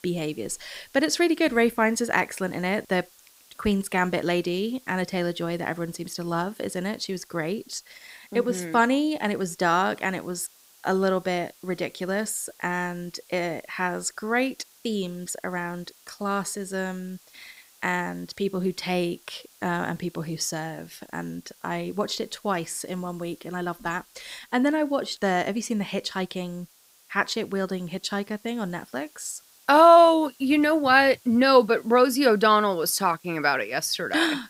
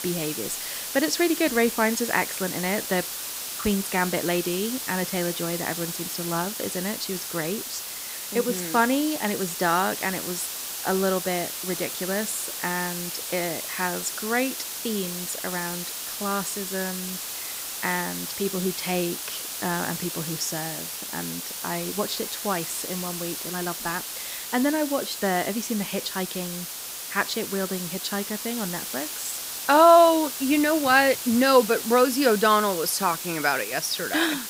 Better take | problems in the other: first | hiss; loud; throughout; 5 dB below the speech; faint in the first

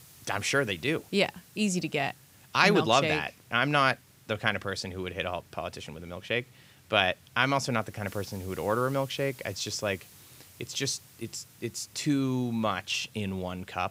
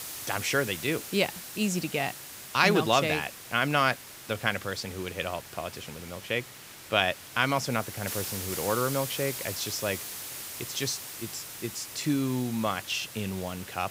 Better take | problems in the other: first | hiss; loud; throughout; 9 dB below the speech; faint in the first

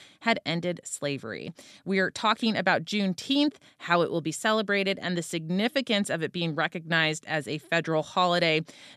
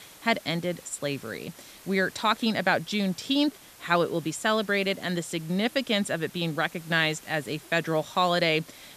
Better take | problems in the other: first | hiss; faint; throughout; 20 dB below the speech

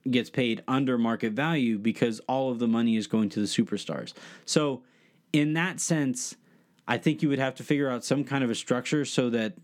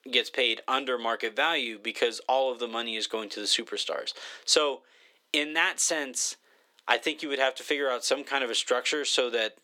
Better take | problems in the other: first | thin; very; fading below 450 Hz

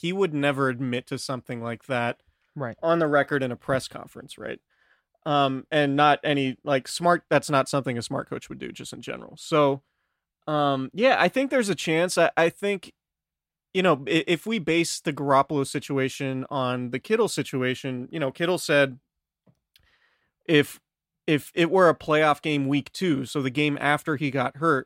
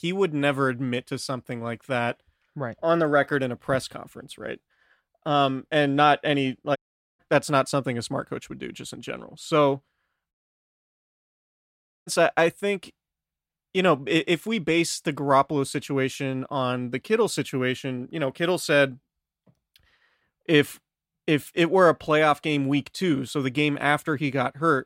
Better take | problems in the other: first | audio cutting out; at 7 s and at 10 s for 1.5 s

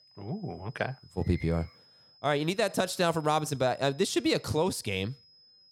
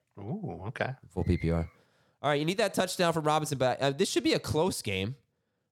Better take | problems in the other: second | high-pitched whine; faint; throughout; 5 kHz, 25 dB below the speech

